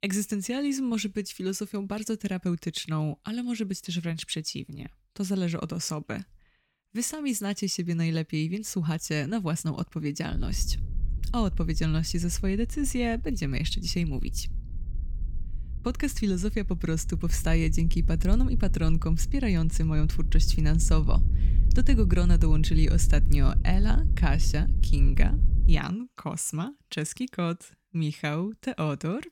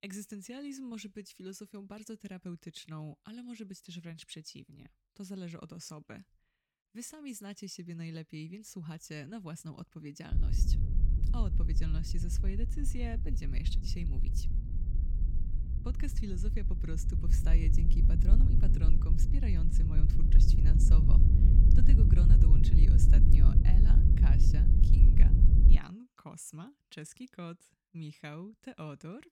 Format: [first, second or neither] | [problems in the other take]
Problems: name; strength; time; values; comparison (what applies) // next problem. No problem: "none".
first | wind noise on the microphone; heavy; from 10 to 26 s; 2 dB above the speech; occasional gusts in the first